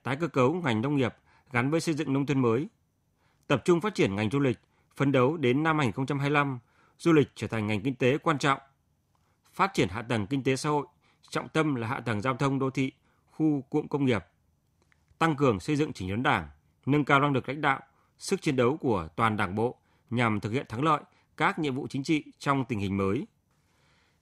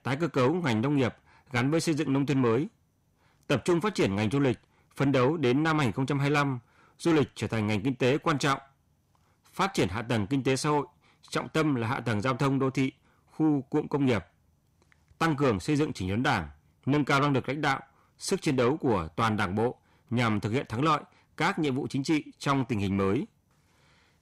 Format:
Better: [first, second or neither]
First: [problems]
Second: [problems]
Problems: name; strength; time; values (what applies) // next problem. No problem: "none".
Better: first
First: none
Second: distortion; slight; 10 dB below the speech